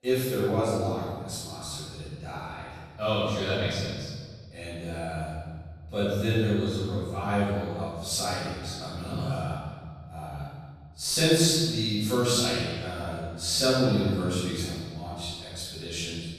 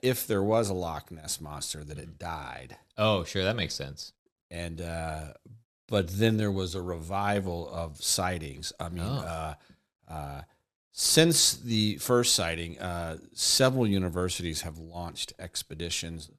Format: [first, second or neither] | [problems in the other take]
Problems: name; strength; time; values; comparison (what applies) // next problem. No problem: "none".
second | room echo; strong; dies away in 1.6 s // off-mic speech; far